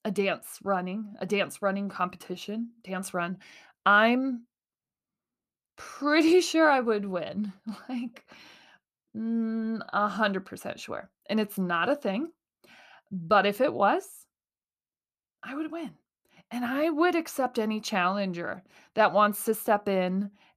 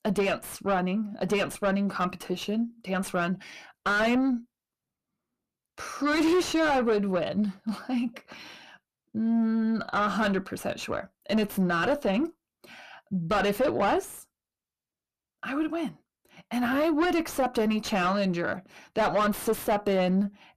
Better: first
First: none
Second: distortion; heavy; 5 dB below the speech

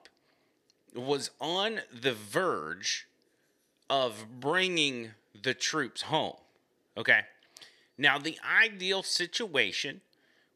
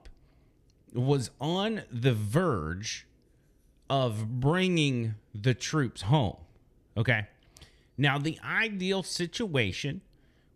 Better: second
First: thin; very; fading below 400 Hz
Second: none

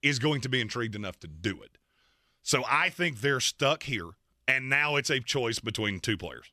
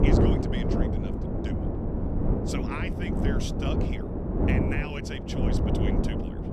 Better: first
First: none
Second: wind noise on the microphone; heavy; 5 dB above the speech

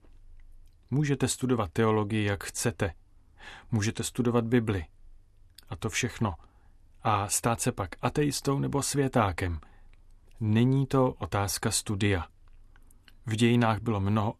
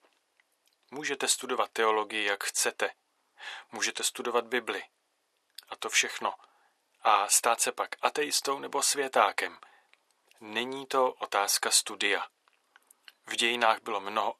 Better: first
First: none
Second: thin; very; fading below 500 Hz

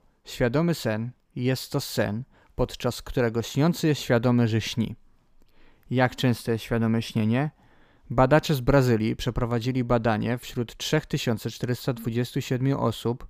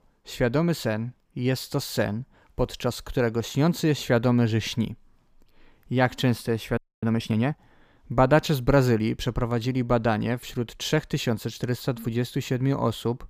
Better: first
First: none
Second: audio freezing; at 7 s

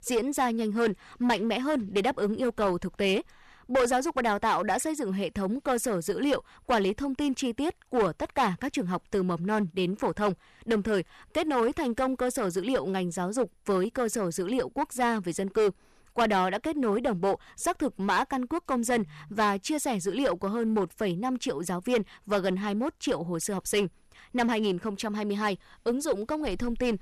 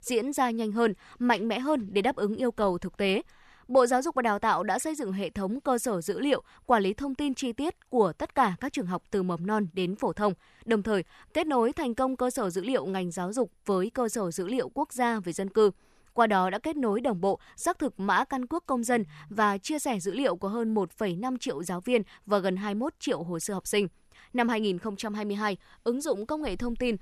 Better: second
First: distortion; slight; 6% of the sound clipped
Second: none

